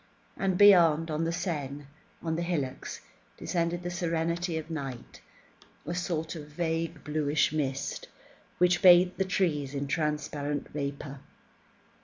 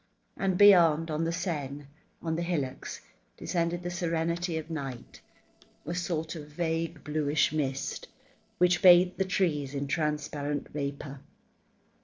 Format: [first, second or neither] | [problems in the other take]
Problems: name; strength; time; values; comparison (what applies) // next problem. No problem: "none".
first | noise reduction (neural separator model SepFormer DNS4)